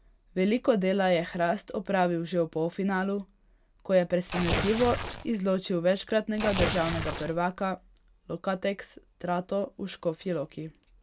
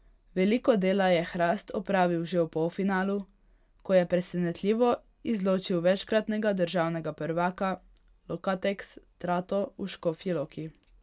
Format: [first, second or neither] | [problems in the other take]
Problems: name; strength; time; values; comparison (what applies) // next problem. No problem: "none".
second | background sound (Tearing); 4 dB below the speech